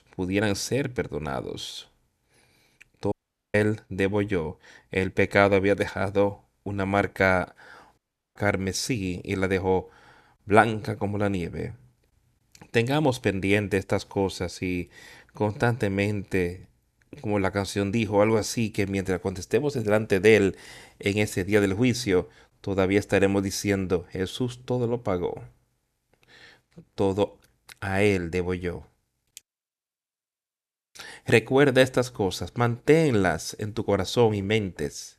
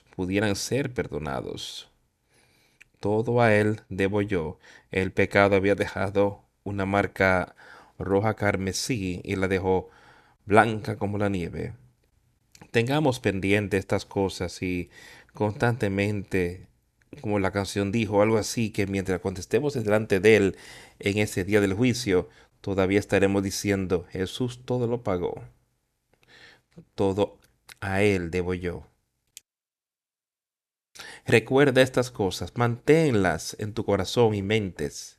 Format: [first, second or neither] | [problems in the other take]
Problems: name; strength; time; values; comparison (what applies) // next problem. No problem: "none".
second | audio cutting out; at 3 s and at 8 s